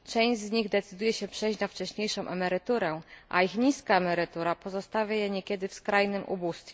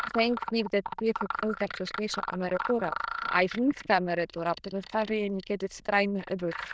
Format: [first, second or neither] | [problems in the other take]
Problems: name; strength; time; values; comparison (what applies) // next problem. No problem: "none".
first | noise reduction (neural diffusion model UNIVERSE++)